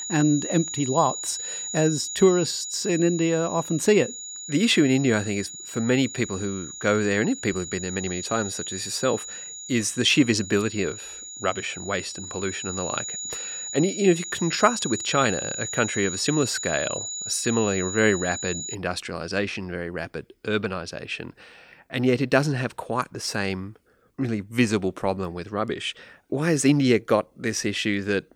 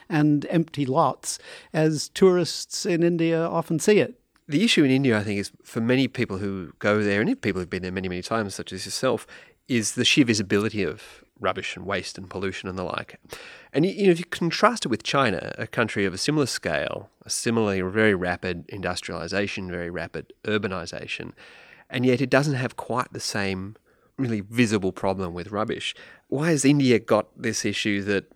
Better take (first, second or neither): second